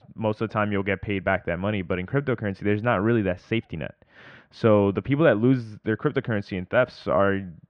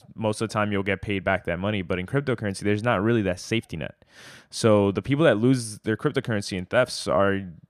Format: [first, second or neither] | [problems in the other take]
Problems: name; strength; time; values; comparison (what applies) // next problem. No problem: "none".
second | muffled; very; fading above 2.5 kHz